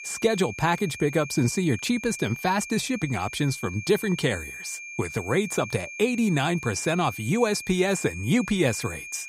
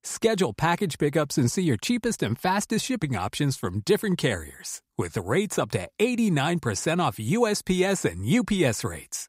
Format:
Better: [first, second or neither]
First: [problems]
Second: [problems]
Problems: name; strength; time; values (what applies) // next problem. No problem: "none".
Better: second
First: high-pitched whine; noticeable; throughout; 2.5 kHz, 10 dB below the speech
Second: none